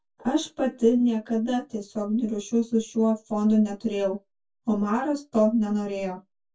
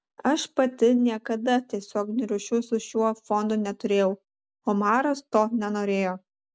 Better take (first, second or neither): second